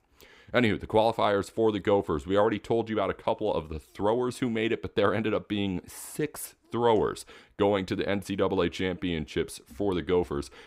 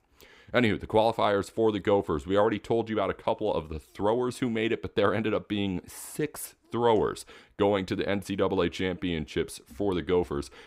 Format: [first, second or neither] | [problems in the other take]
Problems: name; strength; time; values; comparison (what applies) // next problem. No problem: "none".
neither | none